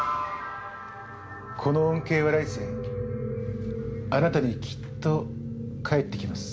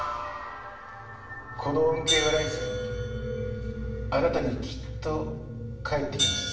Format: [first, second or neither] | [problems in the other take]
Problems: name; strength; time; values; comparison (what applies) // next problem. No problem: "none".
first | background sound (Hi-hat); 6 dB below the speech // room echo; dies away in 0.8 s